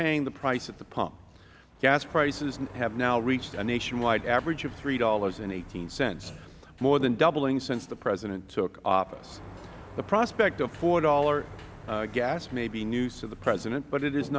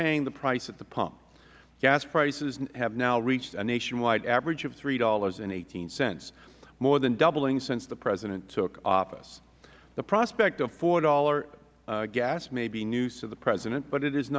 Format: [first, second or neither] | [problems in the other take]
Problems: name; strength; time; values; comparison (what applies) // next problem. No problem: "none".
second | background sound (Sliding door); 17 dB below the speech